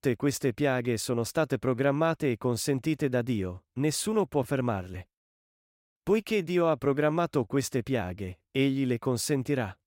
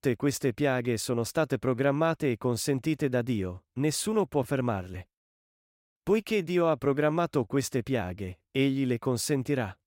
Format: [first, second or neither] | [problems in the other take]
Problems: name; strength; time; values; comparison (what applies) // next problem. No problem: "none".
neither | none